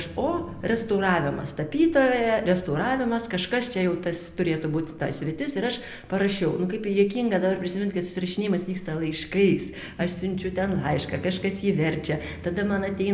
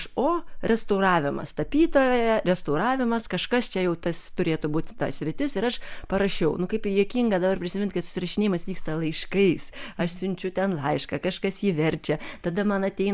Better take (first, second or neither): second